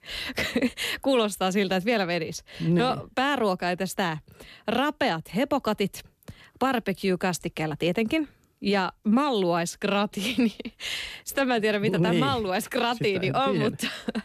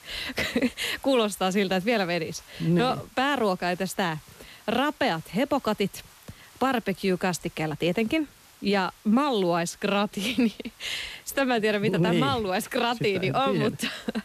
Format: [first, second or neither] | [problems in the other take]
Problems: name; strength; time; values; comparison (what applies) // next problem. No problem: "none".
first | hiss; faint; throughout; 25 dB below the speech